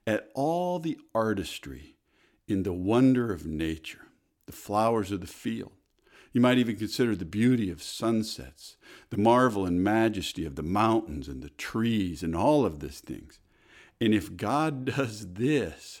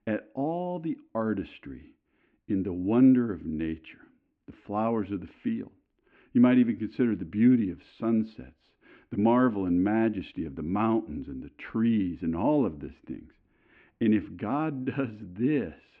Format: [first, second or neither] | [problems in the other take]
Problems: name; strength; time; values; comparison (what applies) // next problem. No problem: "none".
first | muffled; very; fading above 2.5 kHz